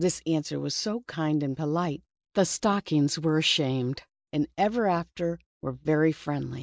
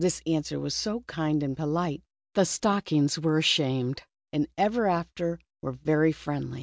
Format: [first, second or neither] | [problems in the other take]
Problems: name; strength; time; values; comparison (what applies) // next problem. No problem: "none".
second | noise reduction (neural mask model Resemble Enhance denoiser)